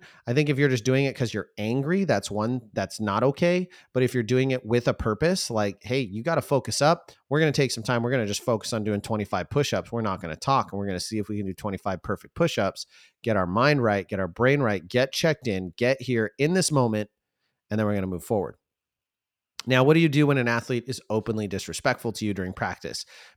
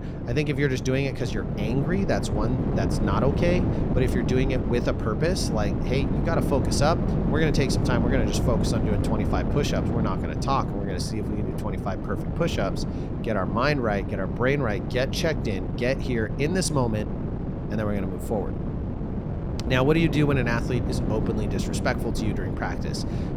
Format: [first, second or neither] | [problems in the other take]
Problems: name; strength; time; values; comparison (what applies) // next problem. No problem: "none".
first | wind noise on the microphone; heavy; 6 dB below the speech